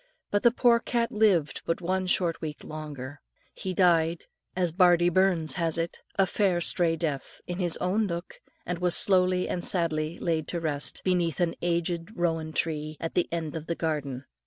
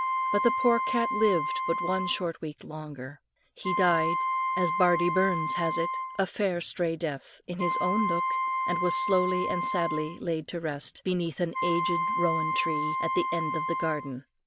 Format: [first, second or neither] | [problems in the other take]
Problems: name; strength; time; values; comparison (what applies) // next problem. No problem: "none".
first | background sound (Wind instrument, woodwind instrument); 1 dB below the speech